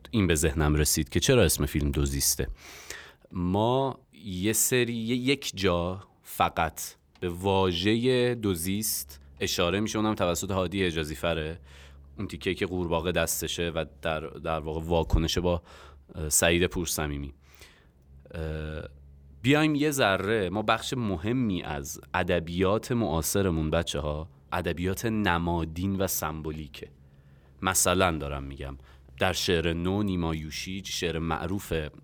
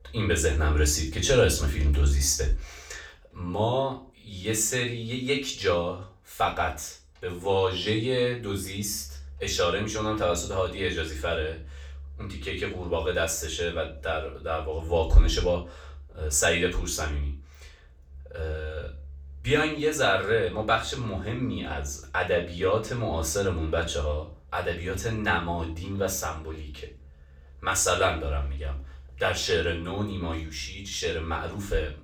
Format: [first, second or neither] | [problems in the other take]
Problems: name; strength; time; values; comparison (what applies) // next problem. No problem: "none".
first | room echo; slight; dies away in 0.3 s // off-mic speech; far